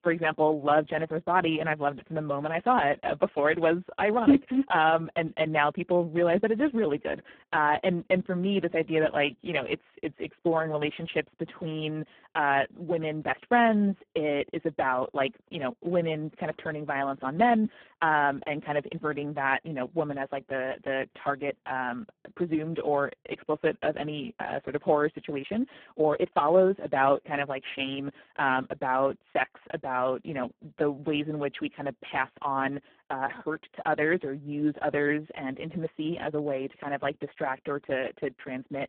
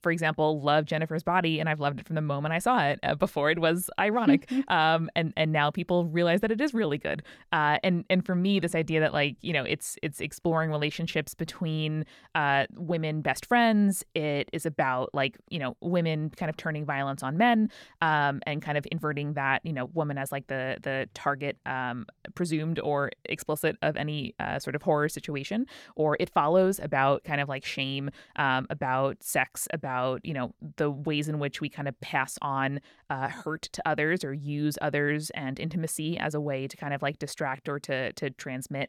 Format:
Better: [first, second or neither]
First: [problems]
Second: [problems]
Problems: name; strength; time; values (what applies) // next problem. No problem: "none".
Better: second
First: phone-call audio; poor line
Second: none